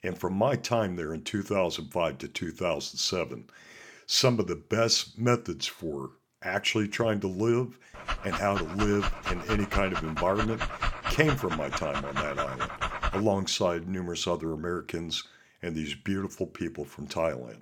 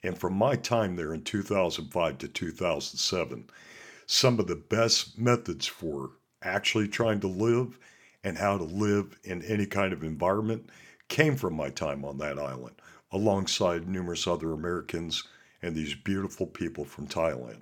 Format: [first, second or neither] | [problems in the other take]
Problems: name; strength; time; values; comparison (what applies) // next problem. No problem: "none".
second | dog barking; noticeable; from 8 to 13 s; peak 2 dB below the speech